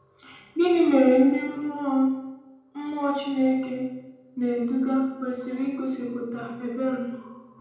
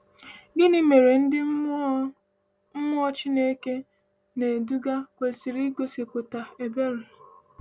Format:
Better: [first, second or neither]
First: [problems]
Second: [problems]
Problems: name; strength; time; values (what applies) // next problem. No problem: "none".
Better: second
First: room echo; dies away in 0.9 s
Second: none